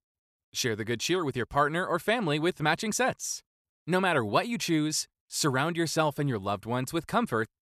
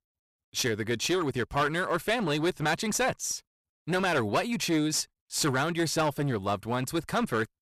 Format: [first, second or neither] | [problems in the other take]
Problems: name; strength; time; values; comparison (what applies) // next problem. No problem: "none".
first | distortion; slight; 10% of the sound clipped